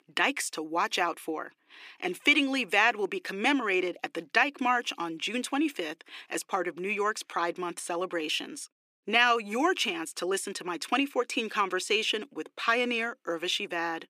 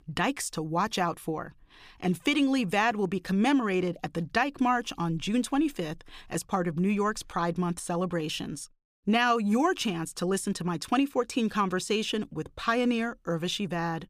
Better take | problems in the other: second | thin; somewhat; fading below 300 Hz

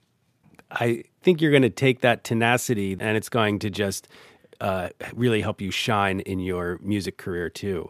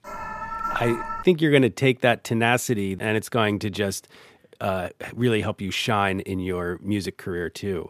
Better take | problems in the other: first | alarm; noticeable; until 1 s; peak 5 dB below the speech

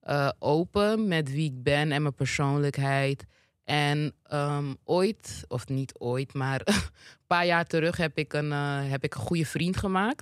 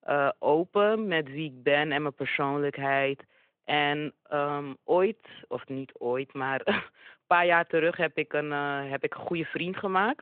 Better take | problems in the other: first | phone-call audio

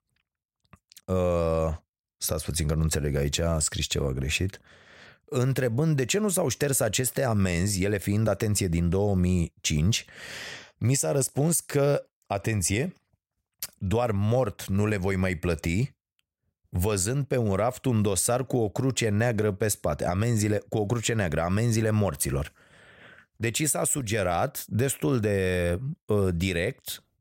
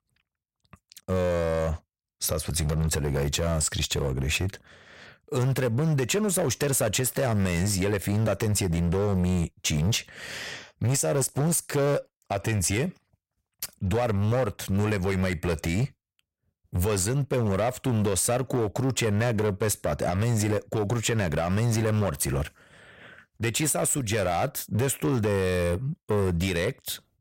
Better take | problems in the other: first | distortion; slight; 13% of the sound clipped

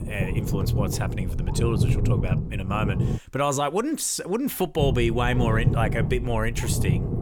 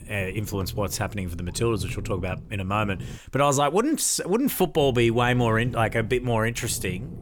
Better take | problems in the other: second | low rumble; loud; until 3 s and from 5 s on; 8 dB below the speech; faint in the second

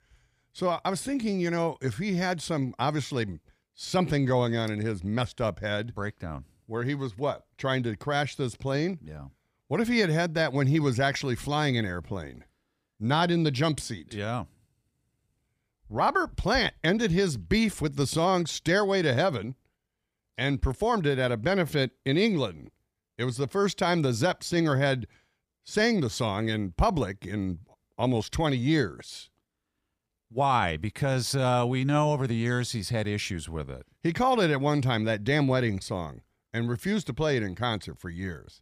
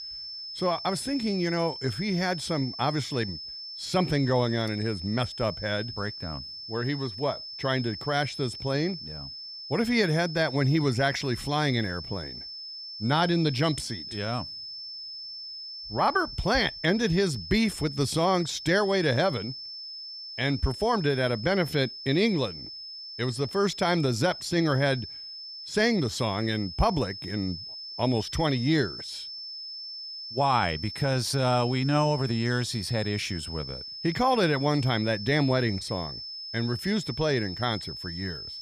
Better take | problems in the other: first | high-pitched whine; loud; throughout; 5 kHz, 9 dB below the speech

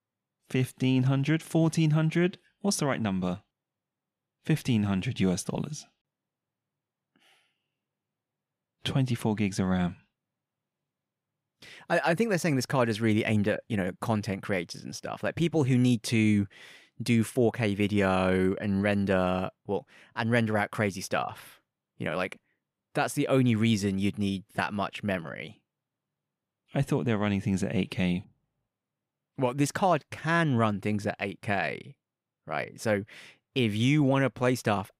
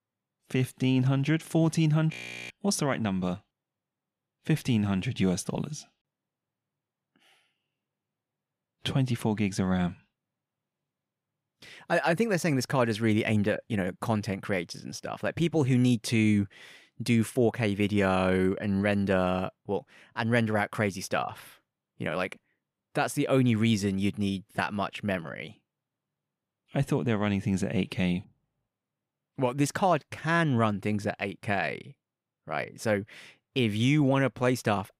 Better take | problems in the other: first | audio freezing; at 2 s

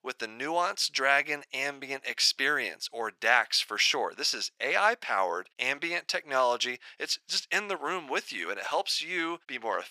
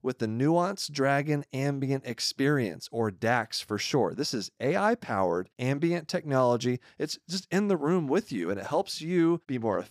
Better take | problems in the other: second | thin; very; fading below 750 Hz

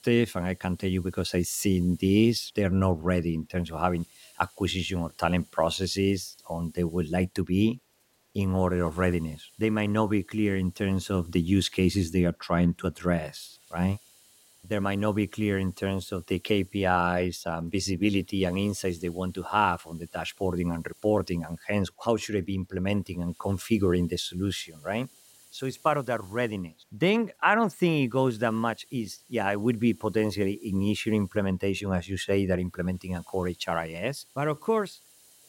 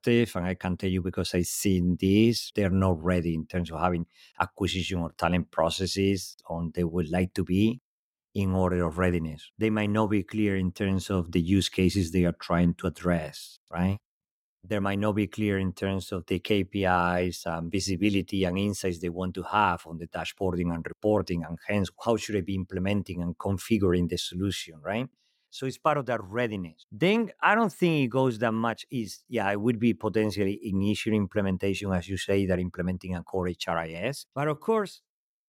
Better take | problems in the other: second | hiss; faint; throughout; 30 dB below the speech

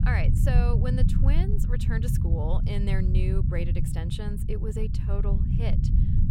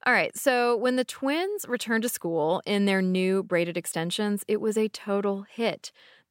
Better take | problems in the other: second | low rumble; loud; throughout; 2 dB below the speech

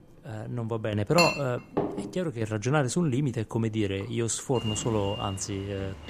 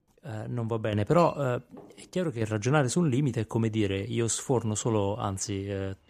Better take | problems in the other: second | household noises; loud; throughout; 4 dB below the speech; faint in the second

